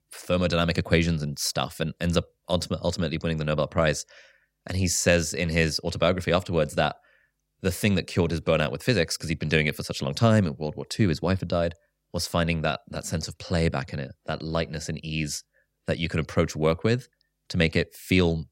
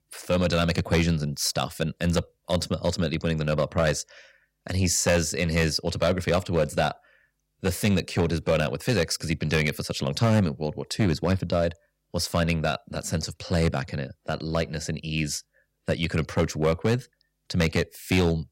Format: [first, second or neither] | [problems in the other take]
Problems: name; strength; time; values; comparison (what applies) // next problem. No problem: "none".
first | distortion; slight; 3% of the sound clipped